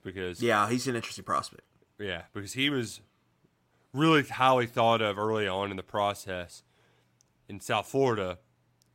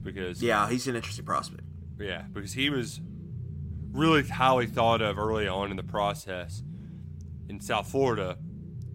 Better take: first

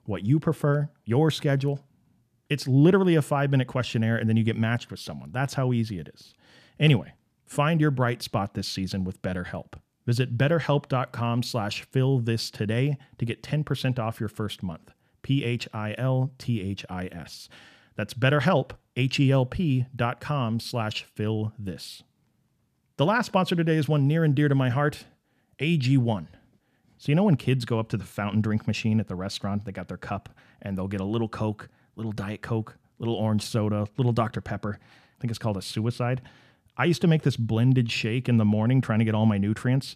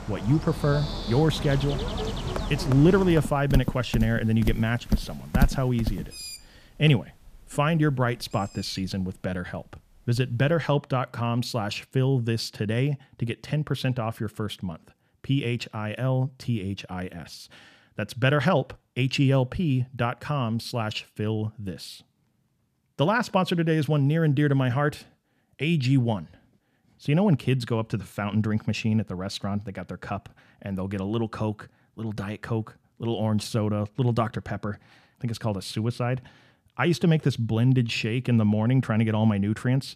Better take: first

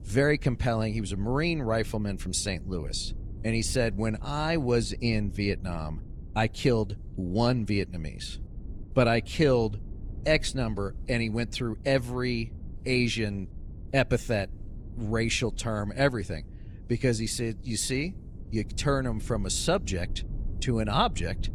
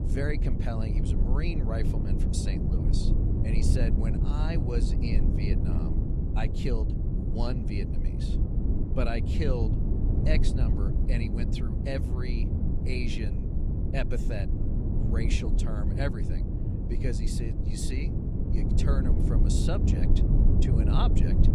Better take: first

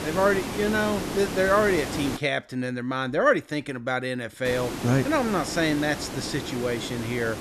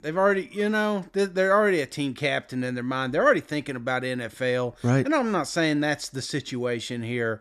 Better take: second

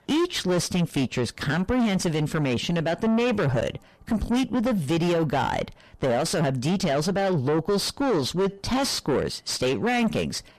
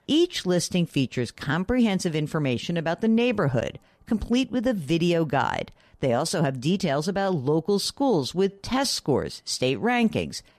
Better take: second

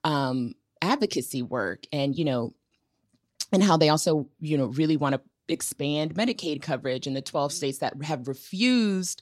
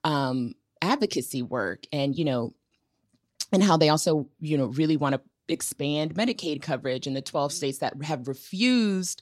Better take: neither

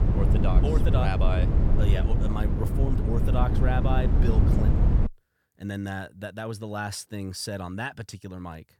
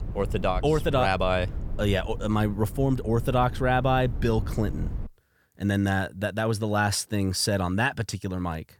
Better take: second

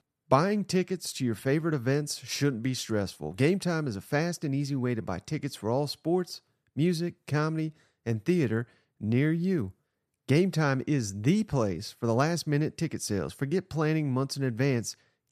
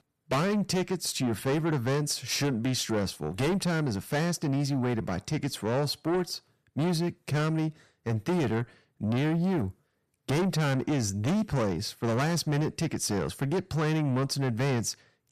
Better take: first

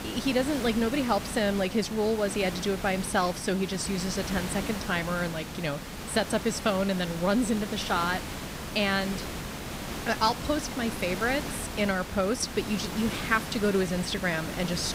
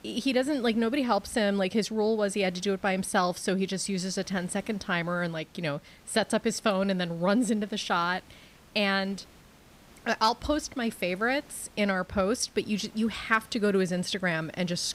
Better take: second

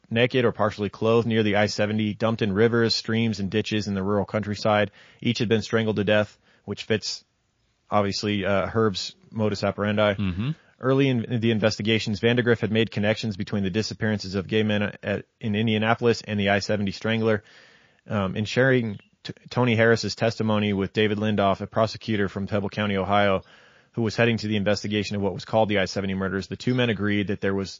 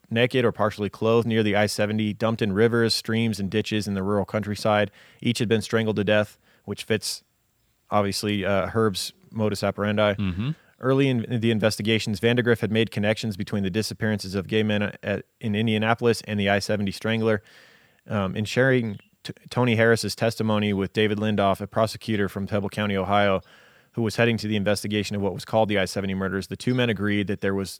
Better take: second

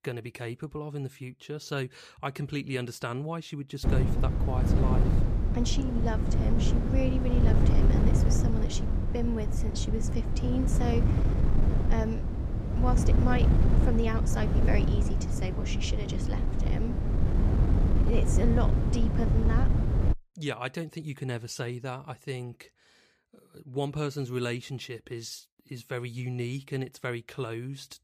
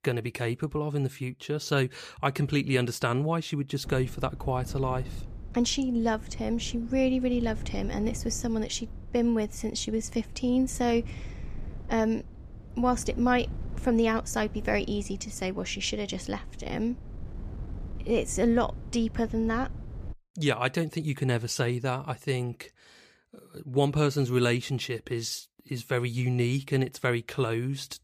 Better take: second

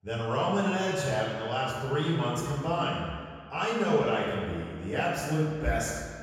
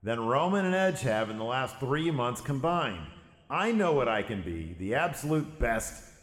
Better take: second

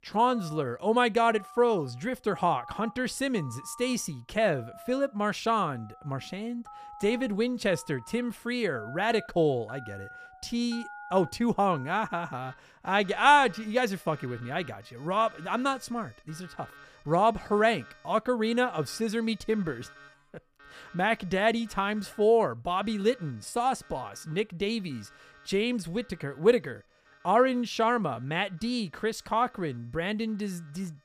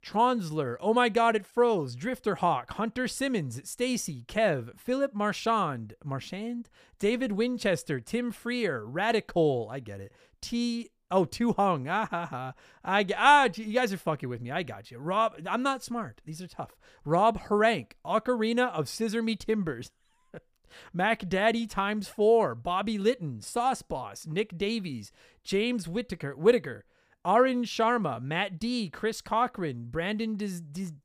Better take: second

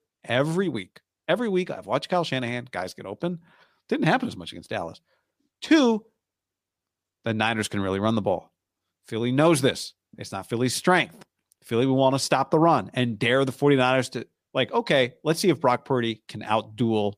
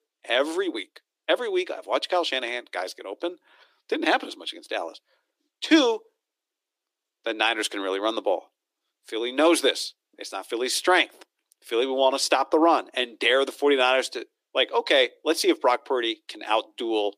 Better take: first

